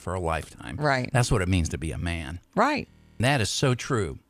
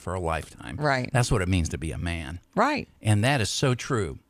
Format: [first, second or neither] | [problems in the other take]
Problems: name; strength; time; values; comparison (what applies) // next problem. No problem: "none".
second | audio freezing; at 3 s